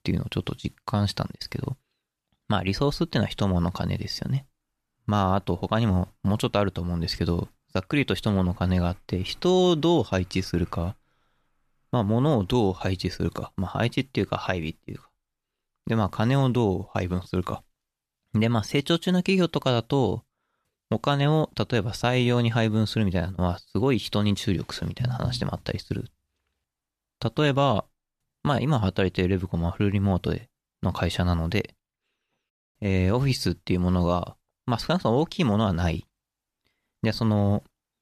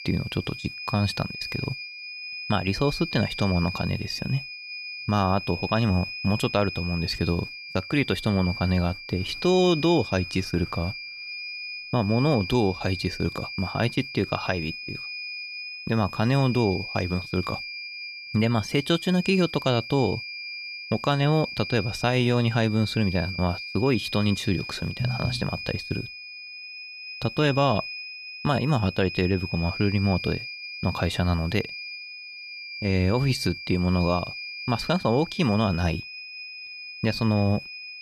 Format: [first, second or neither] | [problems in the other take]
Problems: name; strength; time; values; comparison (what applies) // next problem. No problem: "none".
first | high-pitched whine; loud; throughout; 2.5 kHz, 9 dB below the speech